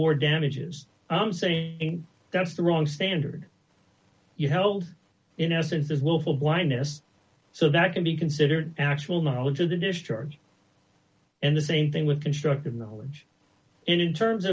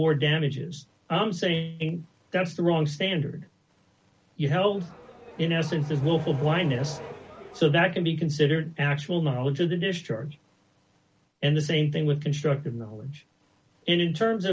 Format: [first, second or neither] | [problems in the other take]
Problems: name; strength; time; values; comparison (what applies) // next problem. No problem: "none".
first | background sound (Accelerating, revving, vroom); 15 dB below the speech